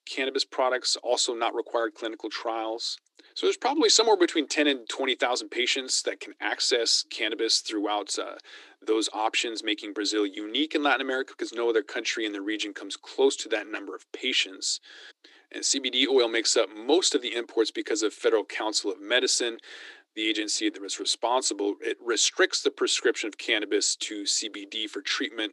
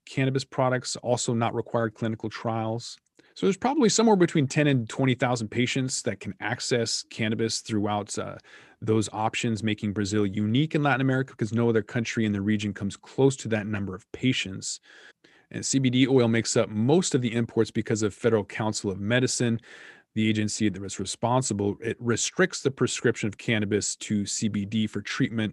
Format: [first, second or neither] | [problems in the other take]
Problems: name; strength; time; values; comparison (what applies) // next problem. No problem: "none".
second | thin; somewhat; fading below 300 Hz